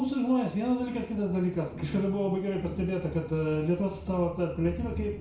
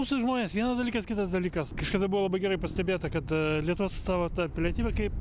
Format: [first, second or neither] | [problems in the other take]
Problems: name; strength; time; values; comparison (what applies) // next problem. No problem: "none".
second | room echo; dies away in 0.6 s